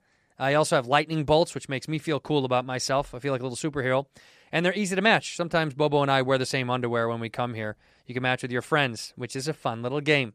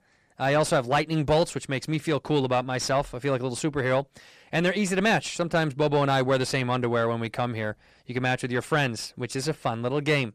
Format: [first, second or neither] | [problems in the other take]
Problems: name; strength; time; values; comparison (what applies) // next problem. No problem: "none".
first | distortion; slight; 10 dB below the speech